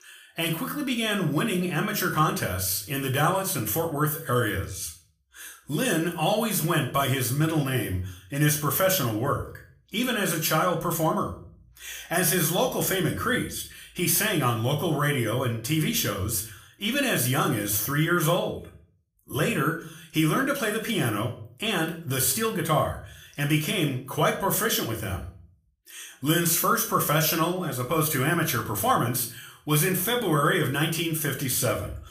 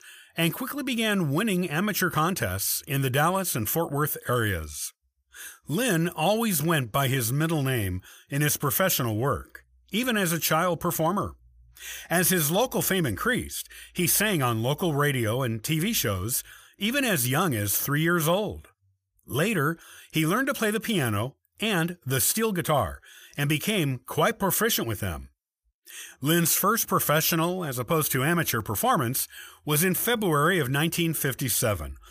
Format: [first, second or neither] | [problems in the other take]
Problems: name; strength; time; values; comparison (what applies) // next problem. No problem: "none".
second | room echo; slight; dies away in 0.4 s // off-mic speech; somewhat distant